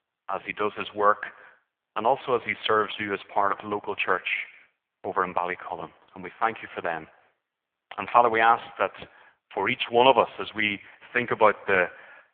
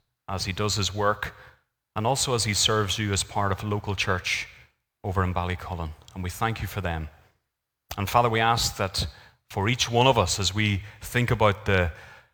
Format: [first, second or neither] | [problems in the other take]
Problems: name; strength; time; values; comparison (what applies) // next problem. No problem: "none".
second | phone-call audio; poor line